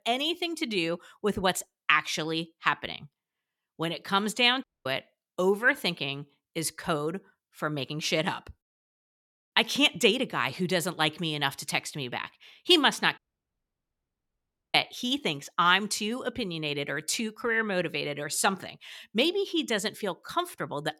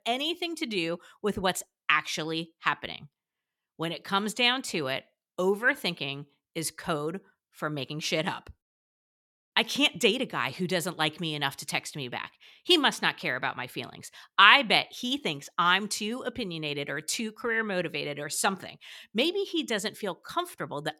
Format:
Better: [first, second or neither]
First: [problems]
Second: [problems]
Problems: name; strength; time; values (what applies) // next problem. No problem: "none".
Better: second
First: audio cutting out; at 4.5 s and at 13 s for 1.5 s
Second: none